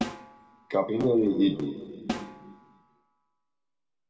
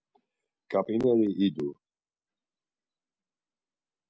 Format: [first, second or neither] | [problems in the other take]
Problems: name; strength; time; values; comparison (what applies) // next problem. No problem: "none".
second | background sound (Snare drum); 11 dB below the speech // room echo; dies away in 2 s